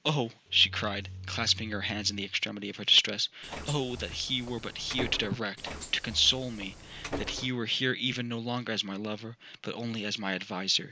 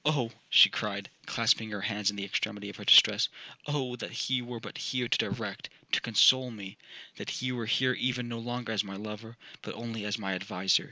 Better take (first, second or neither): second